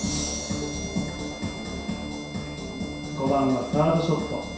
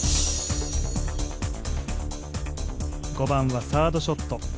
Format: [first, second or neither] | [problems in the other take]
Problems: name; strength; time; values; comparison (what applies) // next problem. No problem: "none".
second | background sound (Bowed string instrument); 15 dB below the speech // room echo; dies away in 0.7 s